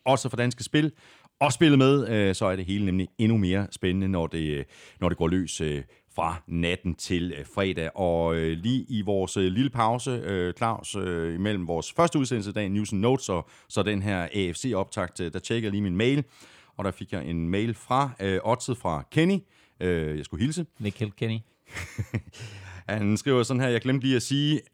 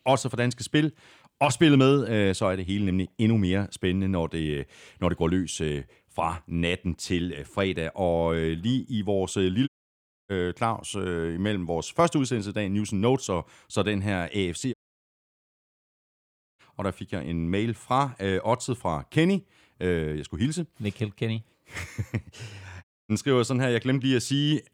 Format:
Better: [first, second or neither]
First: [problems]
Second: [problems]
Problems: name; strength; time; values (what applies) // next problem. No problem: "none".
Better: first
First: none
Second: audio cutting out; at 9.5 s for 0.5 s, at 15 s for 2 s and at 23 s